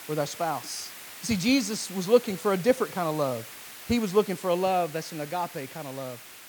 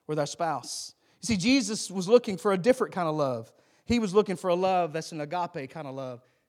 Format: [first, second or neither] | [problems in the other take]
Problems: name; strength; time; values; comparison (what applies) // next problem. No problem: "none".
second | hiss; noticeable; throughout; 15 dB below the speech